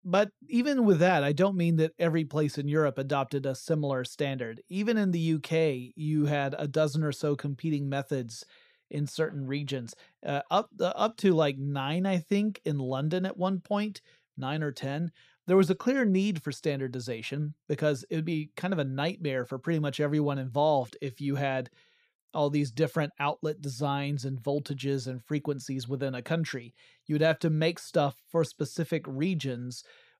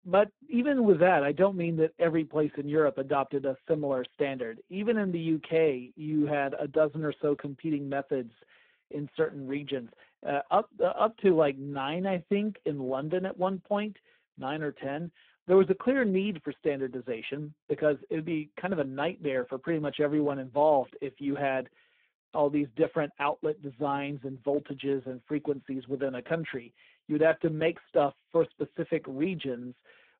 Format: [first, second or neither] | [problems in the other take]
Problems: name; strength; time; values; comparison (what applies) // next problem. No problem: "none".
first | phone-call audio; poor line